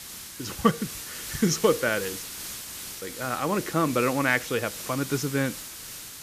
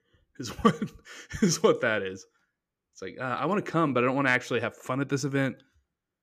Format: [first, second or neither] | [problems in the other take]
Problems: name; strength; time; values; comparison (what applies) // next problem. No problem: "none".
second | hiss; loud; throughout; 9 dB below the speech